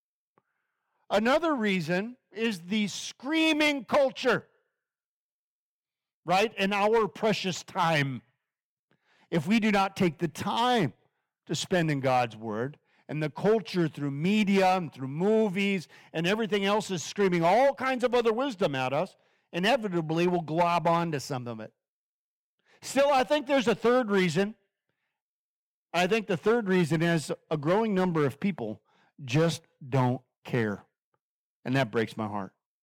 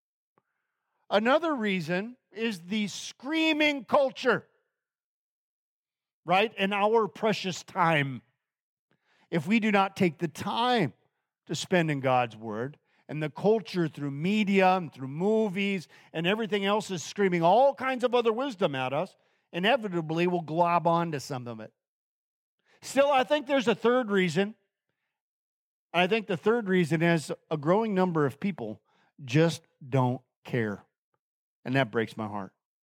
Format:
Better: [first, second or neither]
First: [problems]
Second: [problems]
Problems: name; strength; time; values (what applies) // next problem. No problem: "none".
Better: second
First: distortion; slight; 4% of the sound clipped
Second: none